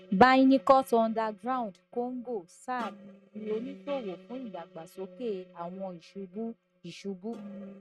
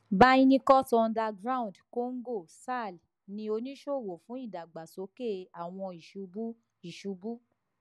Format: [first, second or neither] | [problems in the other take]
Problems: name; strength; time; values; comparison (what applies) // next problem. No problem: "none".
second | noise reduction (neural mask model RNNoise)